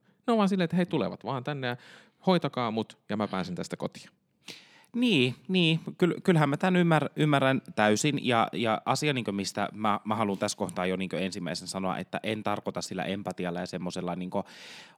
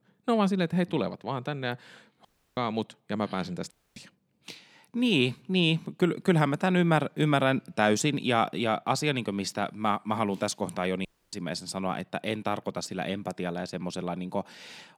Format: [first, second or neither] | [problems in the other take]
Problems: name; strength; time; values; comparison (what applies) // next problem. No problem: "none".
first | audio cutting out; at 2.5 s, at 3.5 s and at 11 s